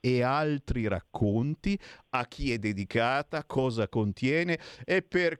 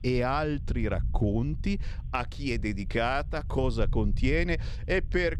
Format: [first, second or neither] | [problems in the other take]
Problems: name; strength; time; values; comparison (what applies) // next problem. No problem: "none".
first | low rumble; faint; throughout; 20 dB below the speech